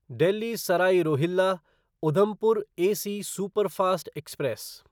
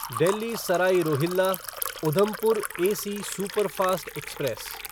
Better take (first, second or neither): first